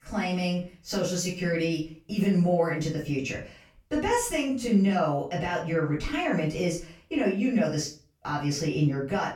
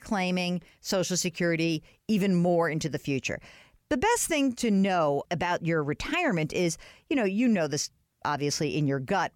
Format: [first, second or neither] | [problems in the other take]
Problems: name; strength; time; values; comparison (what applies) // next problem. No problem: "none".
second | off-mic speech; far // room echo; slight; dies away in 0.3 s